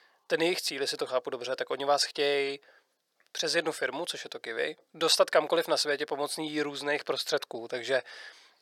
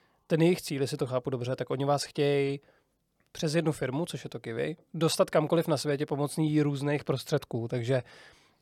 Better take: second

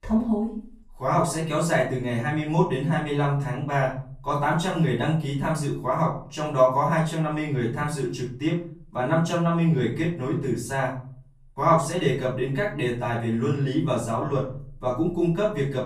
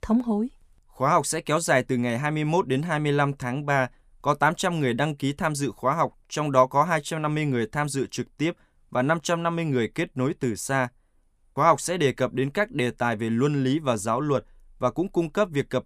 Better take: second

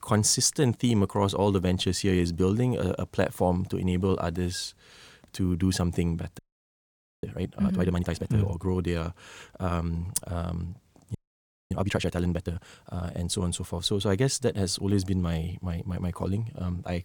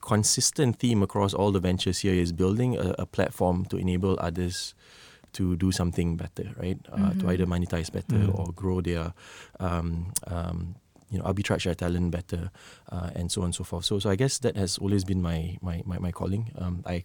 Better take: second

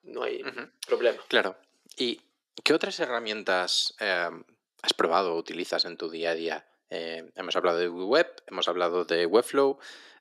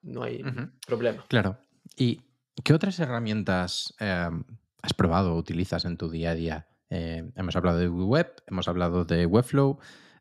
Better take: second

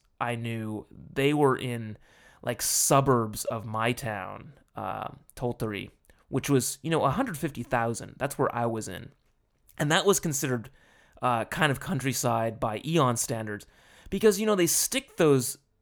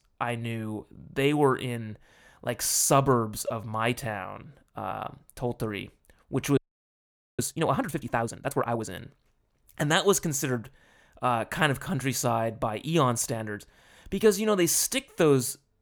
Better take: first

